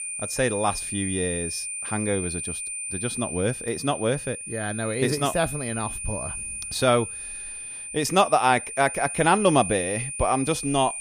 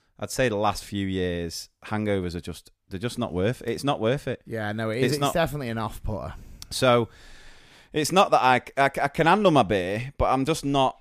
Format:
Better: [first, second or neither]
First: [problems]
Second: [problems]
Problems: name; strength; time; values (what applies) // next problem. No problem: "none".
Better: second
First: high-pitched whine; loud; throughout; 9 kHz, 6 dB below the speech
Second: none